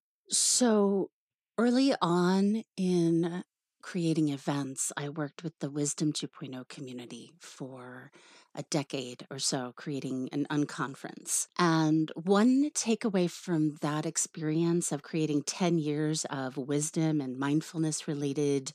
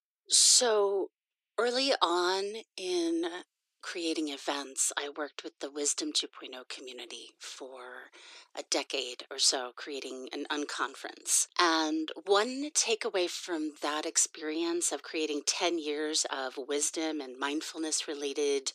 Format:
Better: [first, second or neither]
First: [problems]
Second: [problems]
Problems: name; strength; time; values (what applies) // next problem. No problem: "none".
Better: first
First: none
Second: thin; very; fading below 350 Hz